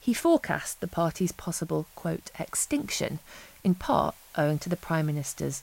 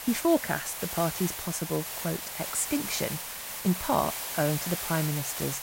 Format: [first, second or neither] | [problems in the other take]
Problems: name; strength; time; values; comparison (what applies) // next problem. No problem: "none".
first | hiss; loud; throughout; 3 dB below the speech; faint in the first